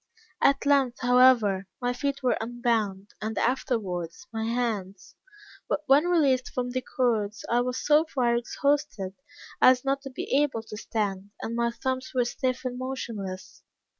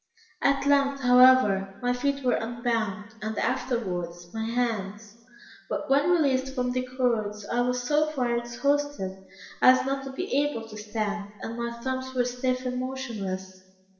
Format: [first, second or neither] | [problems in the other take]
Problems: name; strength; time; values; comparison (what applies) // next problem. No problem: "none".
first | room echo; dies away in 1.1 s